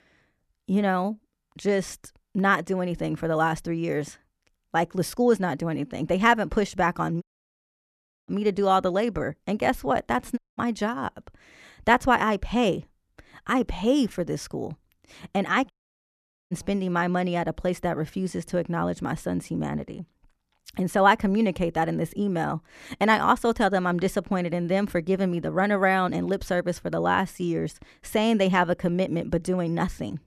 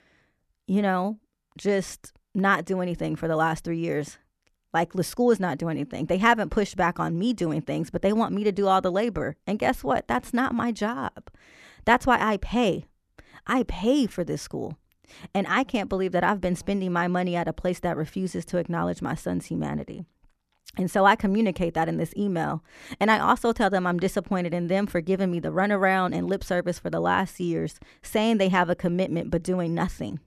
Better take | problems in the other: second | audio cutting out; at 7 s for 1 s, at 10 s and at 16 s for 1 s

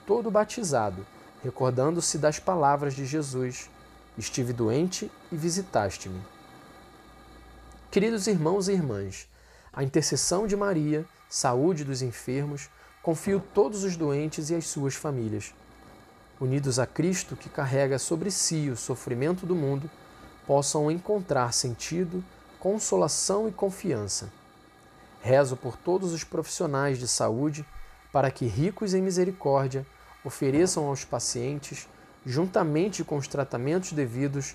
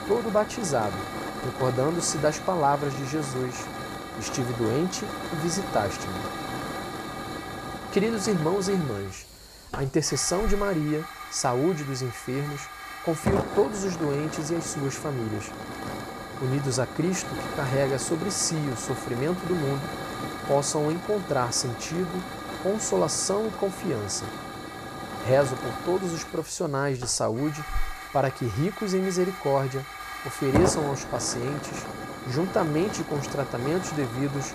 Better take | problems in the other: first | hiss; loud; throughout; 7 dB below the speech; faint in the first

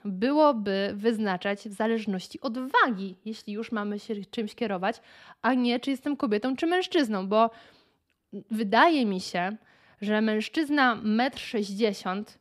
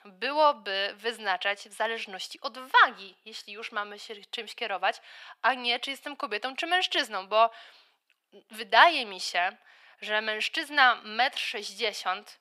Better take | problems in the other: first | thin; very; fading below 850 Hz

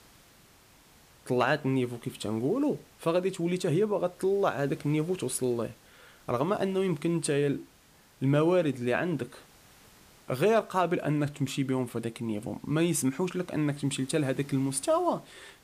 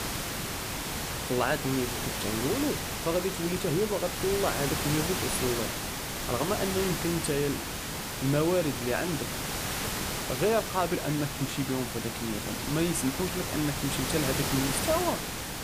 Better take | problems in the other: first | hiss; loud; throughout; 1 dB below the speech; faint in the first

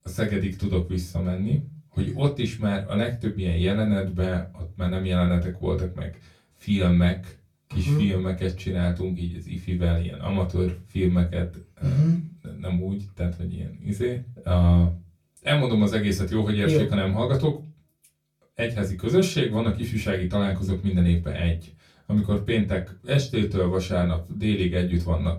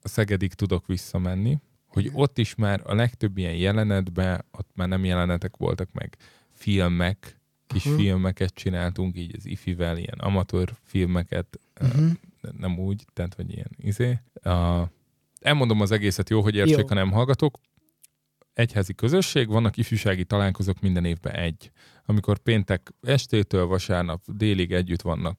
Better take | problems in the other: second | off-mic speech; far // room echo; very slight; dies away in 0.2 s

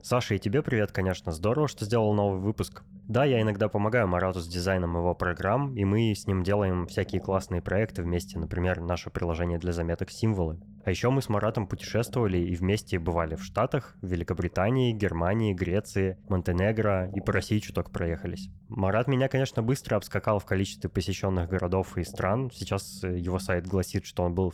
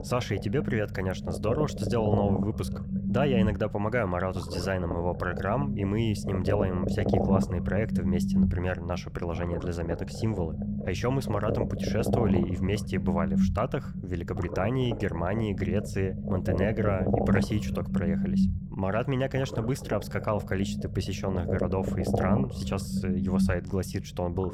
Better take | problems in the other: first | low rumble; loud; throughout; 4 dB below the speech; faint in the first

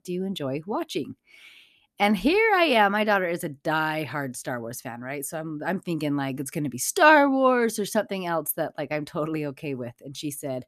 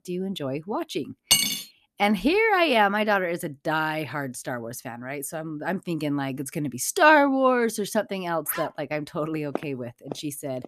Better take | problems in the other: first | clattering dishes; loud; at 1.5 s; peak 5 dB above the speech // dog barking; faint; at 8.5 s; peak 10 dB below the speech // footsteps; faint; from 9.5 s on; peak 10 dB below the speech

